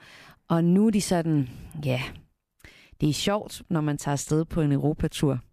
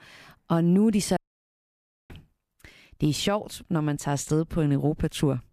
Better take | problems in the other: first | audio cutting out; at 1 s for 1 s

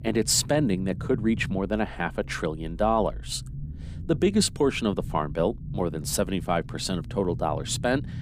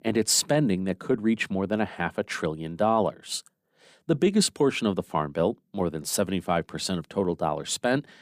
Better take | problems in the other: second | low rumble; faint; throughout; 20 dB below the speech

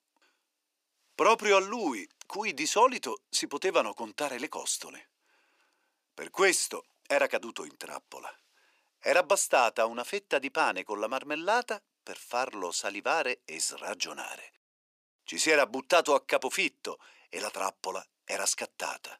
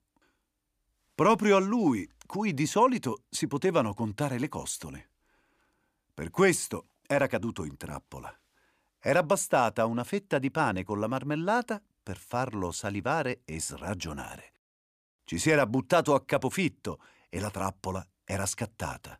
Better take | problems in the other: second | thin; somewhat; fading below 400 Hz

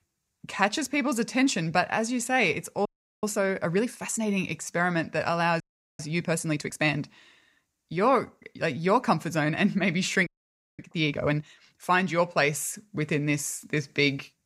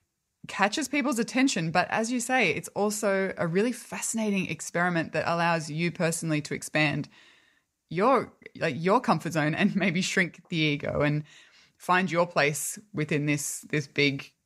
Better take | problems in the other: second | audio freezing; at 3 s, at 5.5 s and at 10 s for 0.5 s

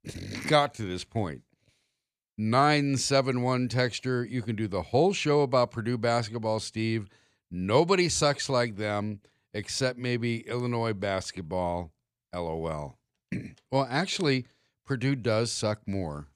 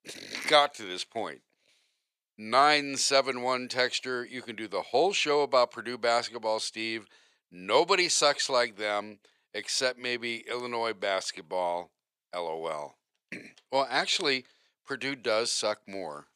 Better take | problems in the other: first | thin; somewhat; fading below 500 Hz

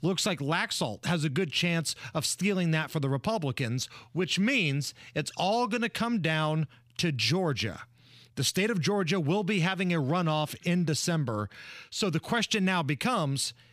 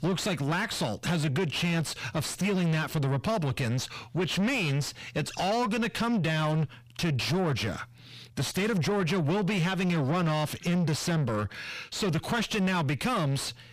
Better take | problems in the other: first | distortion; heavy; 7 dB below the speech

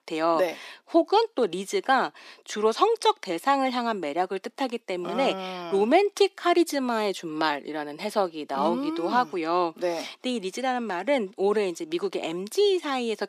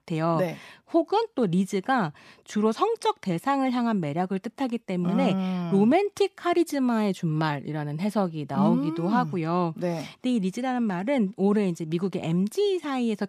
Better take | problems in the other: second | thin; somewhat; fading below 300 Hz

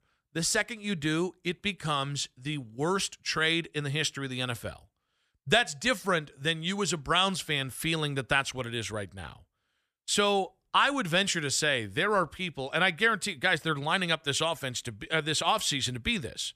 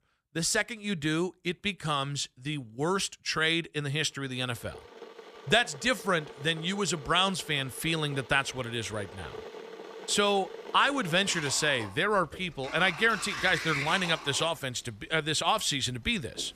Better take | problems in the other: first | household noises; noticeable; from 4.5 s on; 15 dB below the speech

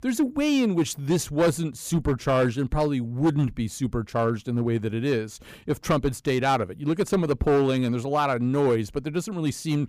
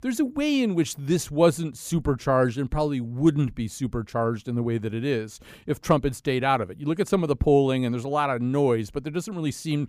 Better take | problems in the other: second | distortion; slight; 5% of the sound clipped

